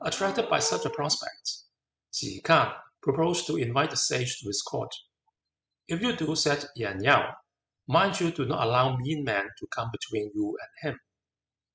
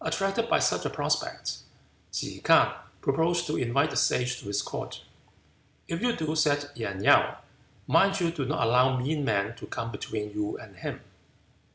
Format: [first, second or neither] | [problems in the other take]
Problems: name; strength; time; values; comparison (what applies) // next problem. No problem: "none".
second | noise reduction (classical method spectral subtraction)